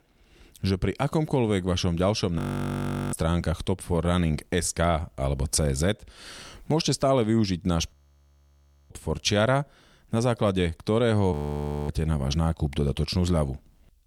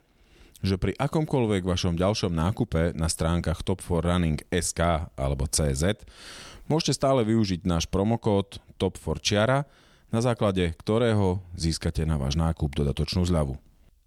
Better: second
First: audio freezing; at 2.5 s for 0.5 s, at 8 s for 1 s and at 11 s for 0.5 s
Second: none

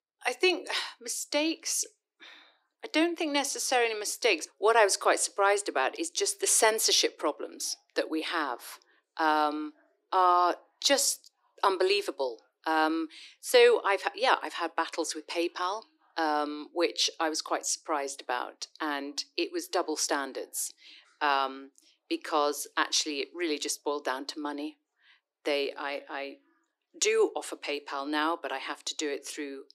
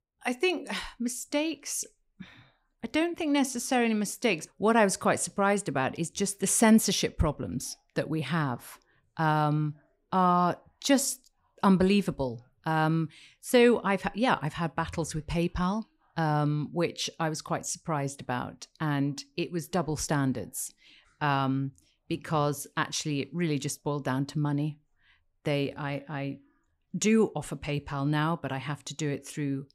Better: second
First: thin; very; fading below 300 Hz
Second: none

